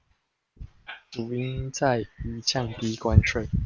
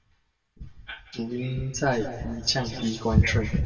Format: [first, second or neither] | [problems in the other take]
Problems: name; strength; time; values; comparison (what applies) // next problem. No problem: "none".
first | room echo; dies away in 1.6 s